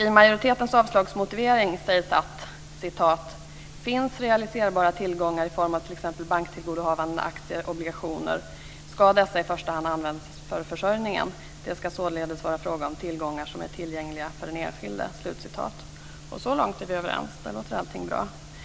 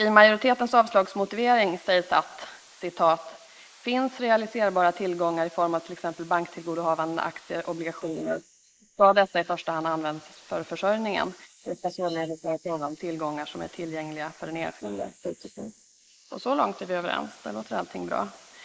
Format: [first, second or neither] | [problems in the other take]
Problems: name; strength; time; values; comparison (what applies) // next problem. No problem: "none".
first | noise reduction (neural mask model Resemble Enhance denoiser)